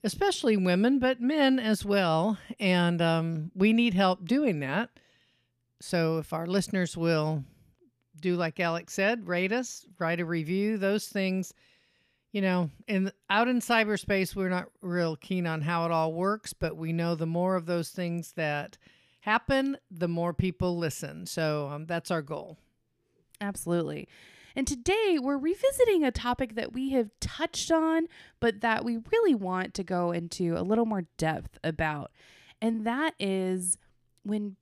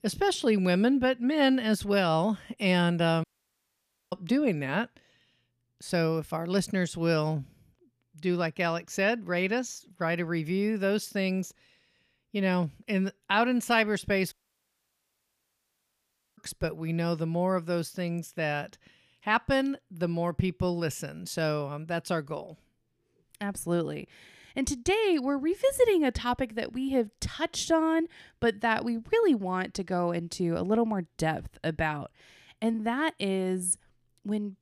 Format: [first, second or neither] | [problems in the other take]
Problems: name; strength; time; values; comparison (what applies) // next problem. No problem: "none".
first | audio cutting out; at 3 s for 1 s and at 14 s for 2 s